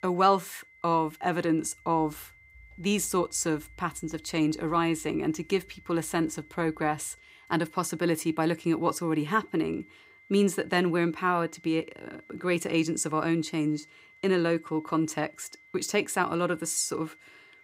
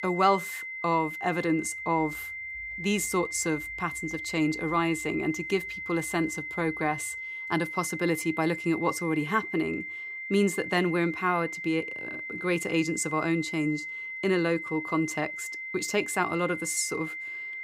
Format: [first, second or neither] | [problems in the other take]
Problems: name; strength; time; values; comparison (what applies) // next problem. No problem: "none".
first | high-pitched whine; loud; throughout; 2 kHz, 6 dB below the speech; faint in the first